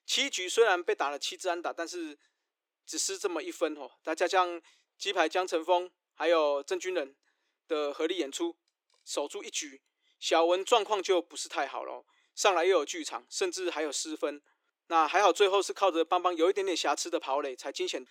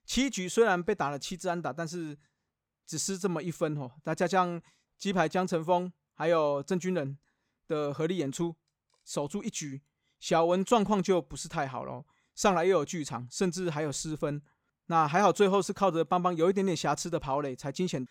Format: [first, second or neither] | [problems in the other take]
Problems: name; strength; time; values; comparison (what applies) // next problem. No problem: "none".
second | thin; very; fading below 300 Hz